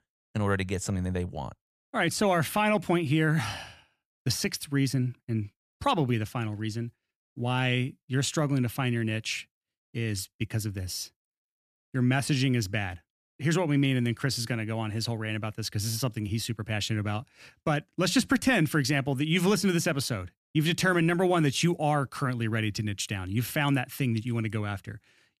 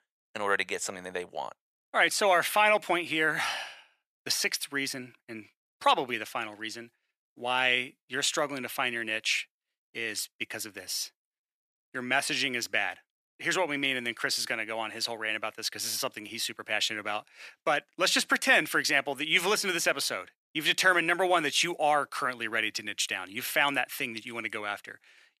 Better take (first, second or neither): first